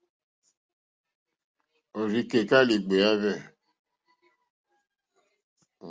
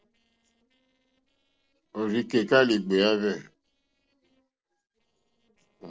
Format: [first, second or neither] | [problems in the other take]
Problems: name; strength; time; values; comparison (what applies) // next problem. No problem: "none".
first | noise reduction (neural separator model SepFormer DNS4)